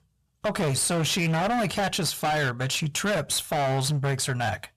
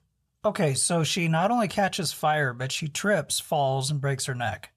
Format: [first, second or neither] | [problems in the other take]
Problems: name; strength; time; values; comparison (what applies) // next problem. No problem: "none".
second | distortion; heavy; 27% of the sound clipped